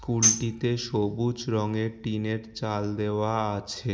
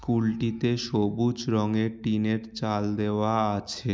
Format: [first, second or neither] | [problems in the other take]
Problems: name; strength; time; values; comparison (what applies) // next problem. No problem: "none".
second | background sound (Tambourine); 1 dB below the speech // room echo; dies away in 1 s